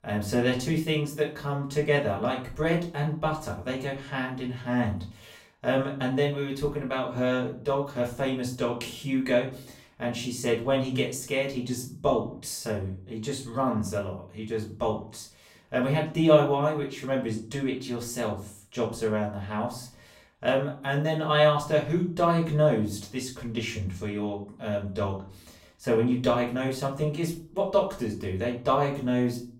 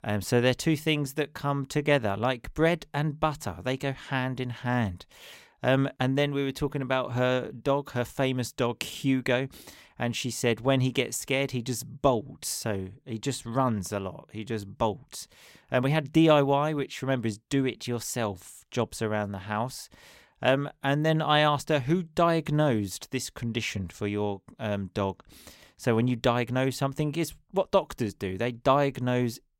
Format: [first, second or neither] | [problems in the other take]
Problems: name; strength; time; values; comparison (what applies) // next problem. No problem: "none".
second | off-mic speech; far // room echo; slight; dies away in 0.4 s